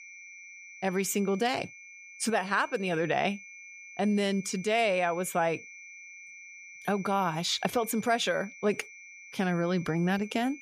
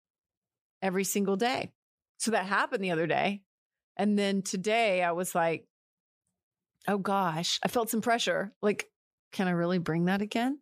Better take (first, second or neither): second